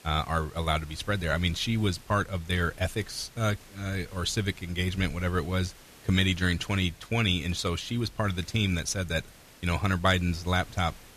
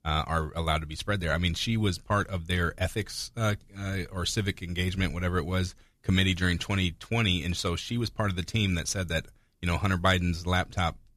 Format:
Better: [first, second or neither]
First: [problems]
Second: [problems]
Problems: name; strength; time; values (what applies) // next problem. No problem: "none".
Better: second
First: hiss; faint; throughout; 25 dB below the speech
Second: none